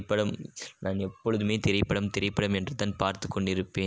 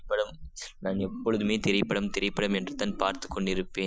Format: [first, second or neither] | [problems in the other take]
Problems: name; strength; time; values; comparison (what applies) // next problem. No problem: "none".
first | noise reduction (classical method Wiener filter)